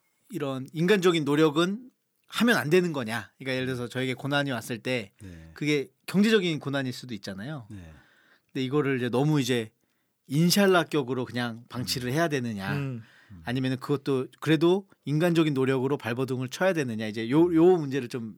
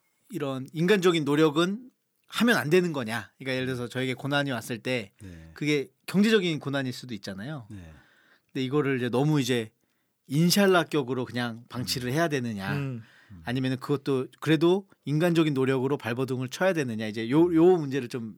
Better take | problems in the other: neither | none

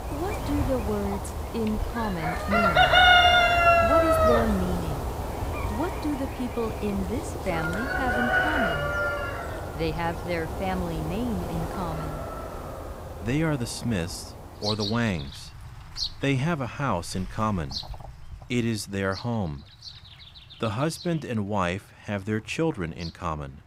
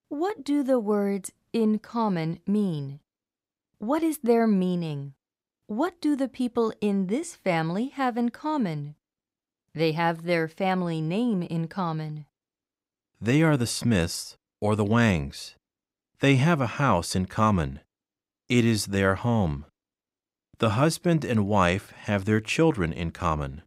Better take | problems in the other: second | animal sounds; very loud; throughout; 5 dB above the speech

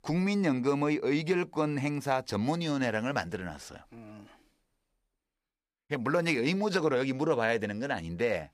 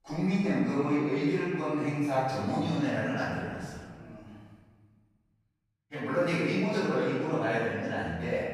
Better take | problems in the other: first | off-mic speech; far // room echo; strong; dies away in 1.5 s

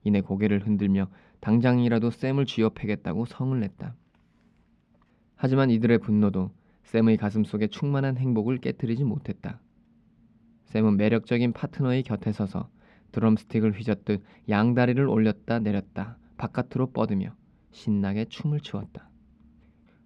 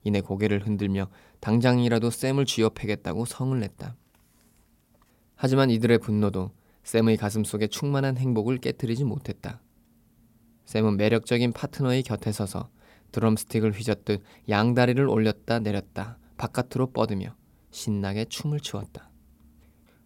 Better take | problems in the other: second | muffled; slightly; fading above 2.5 kHz

